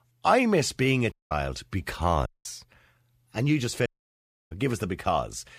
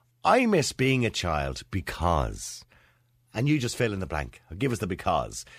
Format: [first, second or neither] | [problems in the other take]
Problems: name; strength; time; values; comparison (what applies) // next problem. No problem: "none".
second | audio cutting out; at 1 s, at 2.5 s and at 4 s for 0.5 s